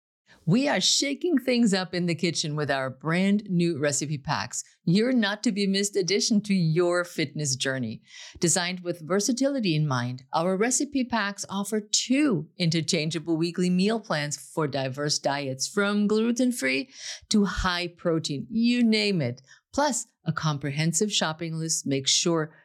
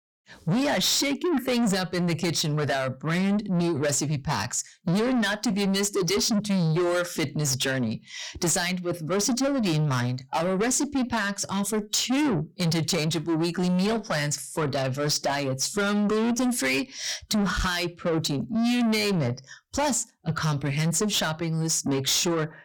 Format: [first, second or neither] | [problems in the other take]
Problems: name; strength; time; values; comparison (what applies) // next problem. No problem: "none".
first | distortion; heavy; 8 dB below the speech